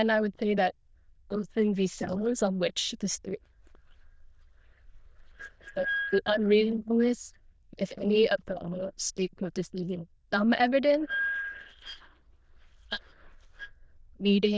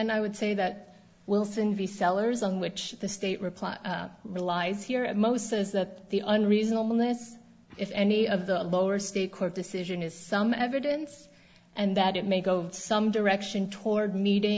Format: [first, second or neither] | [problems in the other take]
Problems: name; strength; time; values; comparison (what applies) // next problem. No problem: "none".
second | noise reduction (neural diffusion model UNIVERSE++)